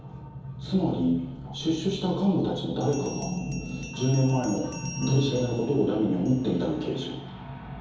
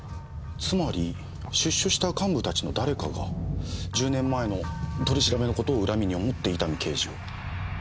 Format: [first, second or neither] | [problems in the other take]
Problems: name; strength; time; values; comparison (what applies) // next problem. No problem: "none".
second | background sound (Bell); 20 dB below the speech // room echo; dies away in 2.2 s